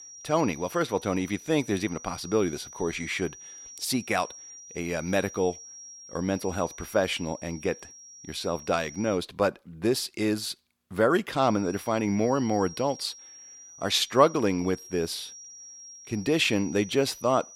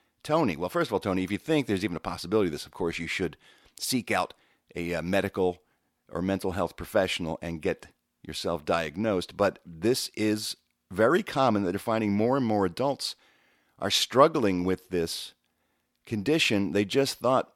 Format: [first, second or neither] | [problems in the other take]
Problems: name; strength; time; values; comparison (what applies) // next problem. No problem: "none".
second | high-pitched whine; noticeable; until 9 s and from 11 s on; 5.5 kHz, 15 dB below the speech